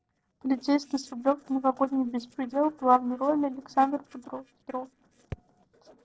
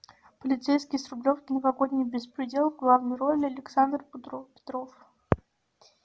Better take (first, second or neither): second